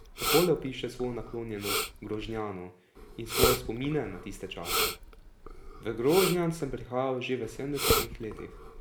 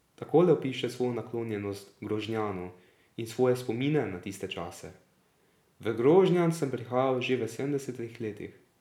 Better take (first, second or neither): second